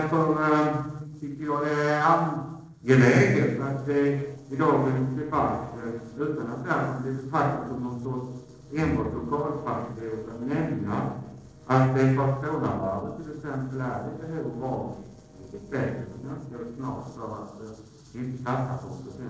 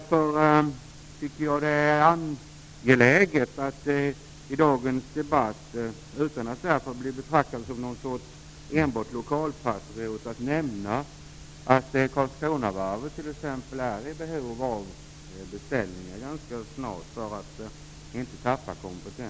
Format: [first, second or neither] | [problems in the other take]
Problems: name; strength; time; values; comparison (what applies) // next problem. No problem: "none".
second | noise reduction (neural separator model SepFormer DNS4)